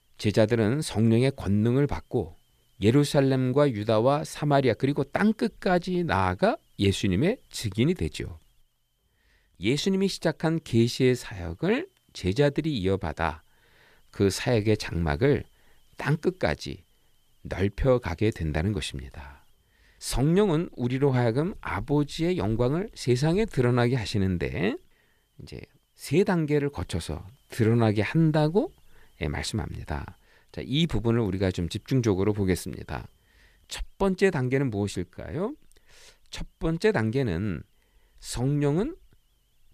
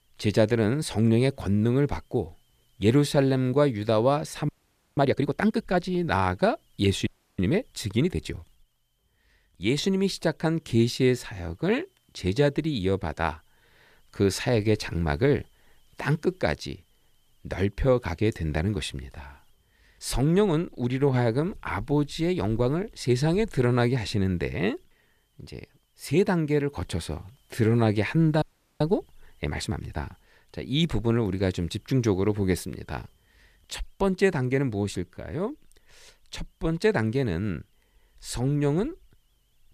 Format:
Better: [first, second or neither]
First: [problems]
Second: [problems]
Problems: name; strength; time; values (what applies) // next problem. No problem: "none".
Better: first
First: none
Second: audio freezing; at 4.5 s, at 7 s and at 28 s